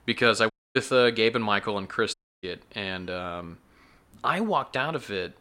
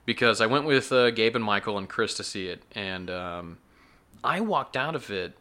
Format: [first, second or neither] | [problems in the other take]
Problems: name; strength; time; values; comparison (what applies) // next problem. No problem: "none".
second | audio cutting out; at 0.5 s and at 2 s